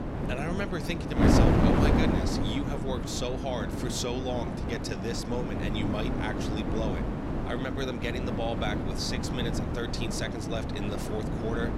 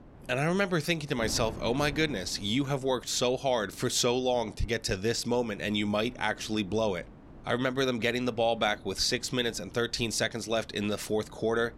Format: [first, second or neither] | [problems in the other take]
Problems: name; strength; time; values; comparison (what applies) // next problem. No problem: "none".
second | wind noise on the microphone; heavy; 1 dB above the speech; occasional gusts in the second